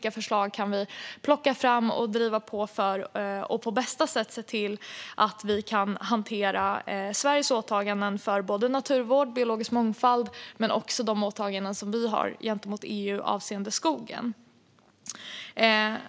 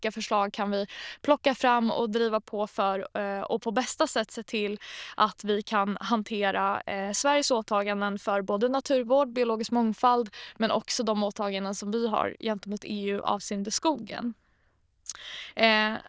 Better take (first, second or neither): first